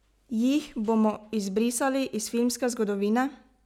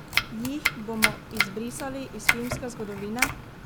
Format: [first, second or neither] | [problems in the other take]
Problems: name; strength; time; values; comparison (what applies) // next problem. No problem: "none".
first | background sound (Domestic sounds, home sounds); 5 dB above the speech